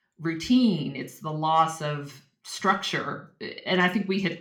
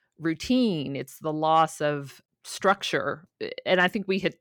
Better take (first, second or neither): second